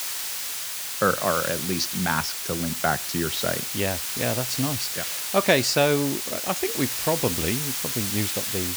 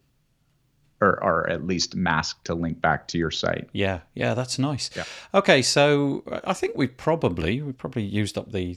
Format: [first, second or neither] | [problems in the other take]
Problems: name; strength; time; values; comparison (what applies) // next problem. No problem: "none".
second | hiss; loud; throughout; 1 dB below the speech